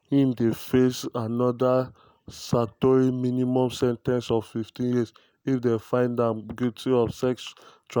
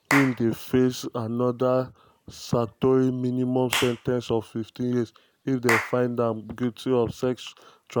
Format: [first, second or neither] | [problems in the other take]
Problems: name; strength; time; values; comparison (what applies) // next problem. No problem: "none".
first | background sound (Clapping / Chirp, tweet); 10 dB below the speech